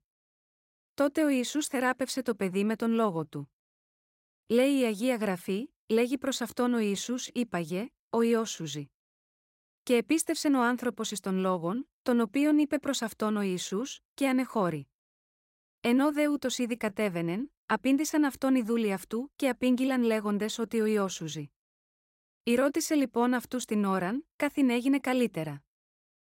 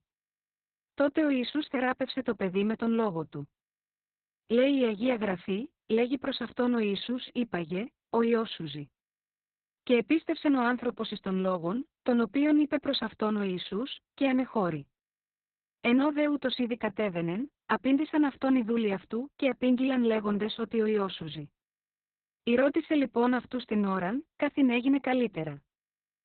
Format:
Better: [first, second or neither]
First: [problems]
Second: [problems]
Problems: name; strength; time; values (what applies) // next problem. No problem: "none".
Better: first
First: none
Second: garbled, watery; badly; nothing above 4 kHz